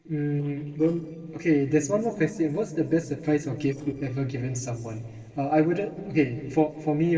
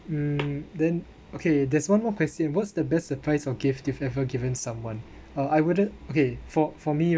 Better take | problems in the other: second | noise reduction (neural separator model SepFormer DNS4)

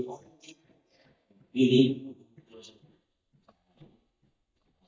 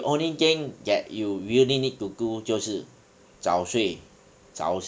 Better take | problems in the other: second | noise reduction (neural mask model DeepFilterNet 3)

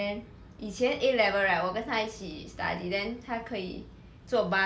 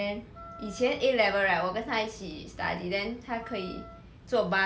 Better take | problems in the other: first | background sound (Wind instrument, woodwind instrument); 20 dB below the speech

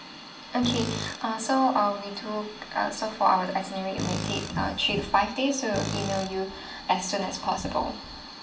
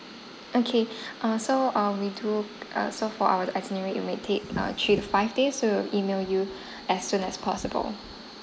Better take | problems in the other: second | background sound (Tools); 8 dB below the speech // room echo; dies away in 0.3 s

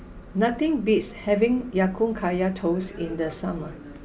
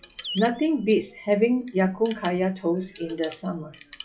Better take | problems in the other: first | noise reduction (classical method log-MMSE)

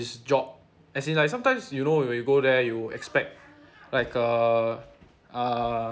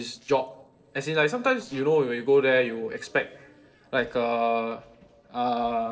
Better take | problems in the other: first | noise reduction (neural separator model SepFormer DNS4)

